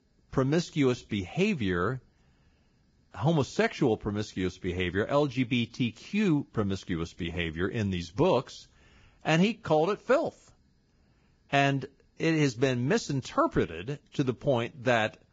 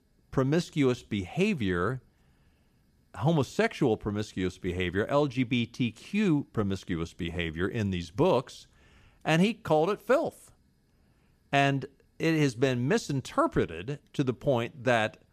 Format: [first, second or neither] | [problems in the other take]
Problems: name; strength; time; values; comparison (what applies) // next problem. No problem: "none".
second | garbled, watery; badly; nothing above 7.5 kHz